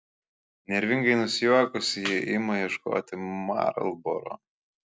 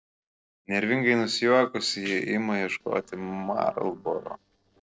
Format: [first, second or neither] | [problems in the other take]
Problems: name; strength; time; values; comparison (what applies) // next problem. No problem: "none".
first | noise reduction (neural separator model SepFormer DNS4)